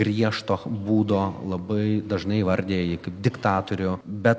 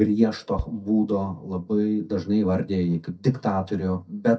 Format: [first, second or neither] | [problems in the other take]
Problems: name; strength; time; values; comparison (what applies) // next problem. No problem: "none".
first | noise reduction (neural mask model DeepFilterNet 3)